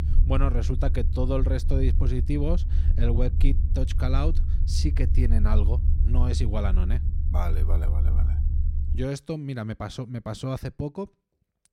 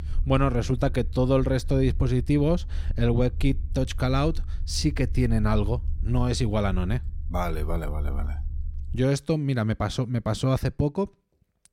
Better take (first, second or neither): second